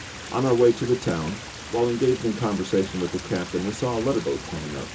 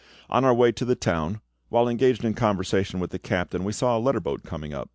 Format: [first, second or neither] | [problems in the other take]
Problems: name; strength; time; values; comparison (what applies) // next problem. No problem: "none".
second | background sound (Stream); 12 dB below the speech // room echo; dies away in 0.2 s